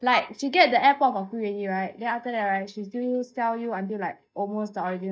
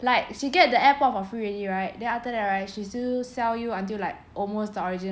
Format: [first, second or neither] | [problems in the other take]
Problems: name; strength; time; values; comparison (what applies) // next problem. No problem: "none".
second | noise reduction (neural mask model DeepFilterNet 3)